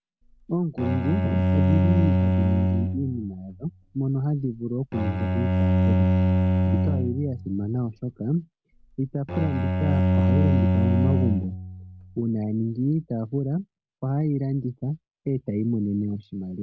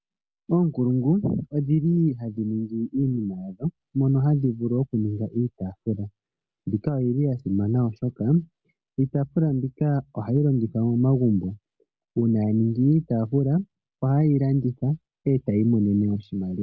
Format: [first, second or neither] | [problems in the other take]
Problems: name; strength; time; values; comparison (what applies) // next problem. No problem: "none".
second | background sound (Bowed string instrument); 4 dB above the speech